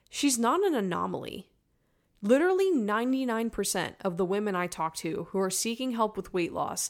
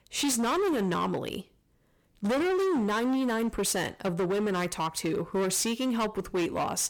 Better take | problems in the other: first | distortion; heavy; 24% of the sound clipped

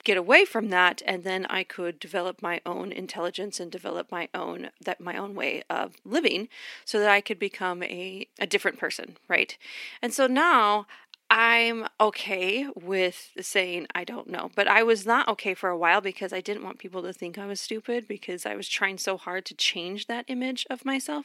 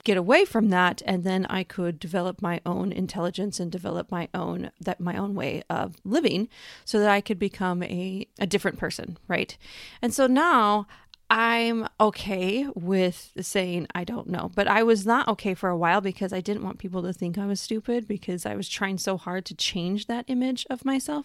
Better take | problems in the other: second | thin; somewhat; fading below 250 Hz

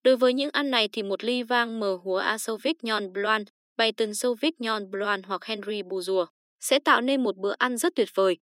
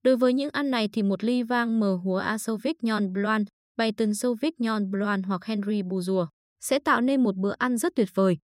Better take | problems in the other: second | thin; somewhat; fading below 300 Hz

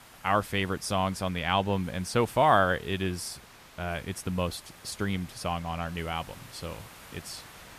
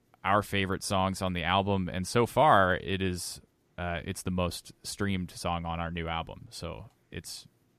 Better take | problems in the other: second | hiss; faint; throughout; 20 dB below the speech

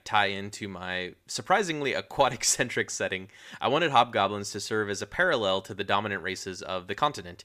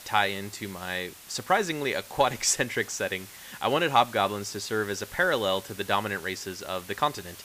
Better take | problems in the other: first | hiss; noticeable; throughout; 15 dB below the speech

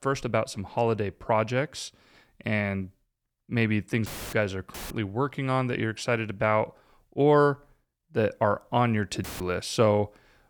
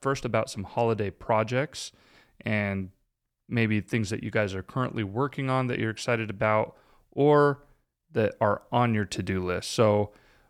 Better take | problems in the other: second | audio cutting out; filled with static; at 4 s, at 4.5 s and at 9 s

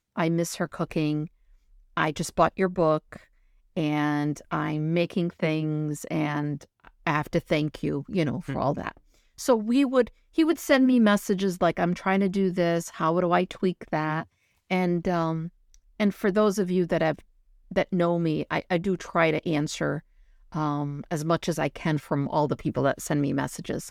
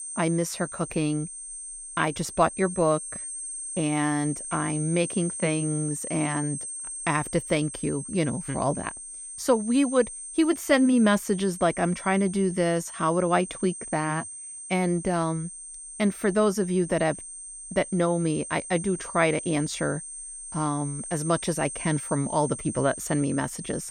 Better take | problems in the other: first | high-pitched whine; loud; throughout; 8.5 kHz, 9 dB below the speech

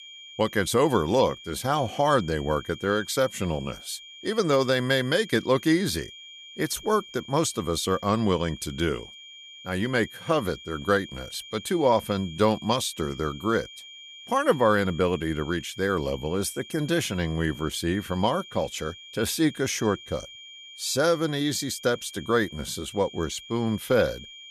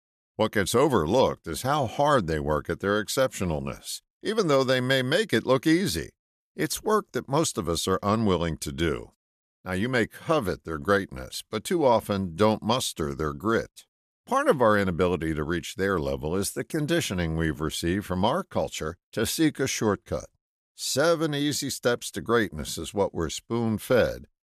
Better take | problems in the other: second | high-pitched whine; noticeable; throughout; 3 kHz, 15 dB below the speech

